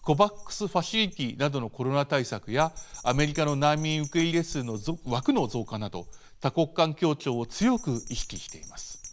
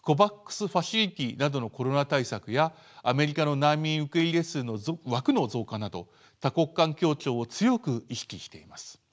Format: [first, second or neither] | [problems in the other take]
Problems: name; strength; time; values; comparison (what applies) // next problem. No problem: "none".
second | background sound (Bell); 14 dB below the speech